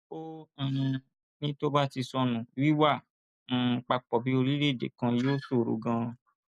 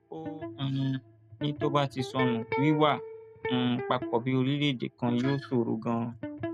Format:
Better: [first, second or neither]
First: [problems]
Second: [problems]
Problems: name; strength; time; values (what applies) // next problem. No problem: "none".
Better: first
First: none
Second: background sound (Electric guitar); 8 dB below the speech